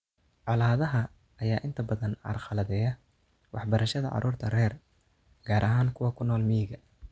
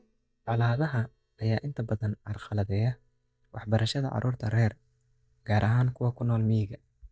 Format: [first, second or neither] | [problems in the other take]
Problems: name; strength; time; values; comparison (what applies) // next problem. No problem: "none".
first | noise reduction (neural mask model DeepFilterNet 3)